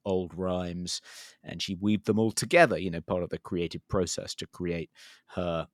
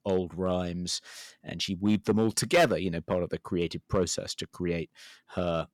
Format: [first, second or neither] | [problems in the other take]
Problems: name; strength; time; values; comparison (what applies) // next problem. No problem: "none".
first | distortion; slight; 1.5% of the sound clipped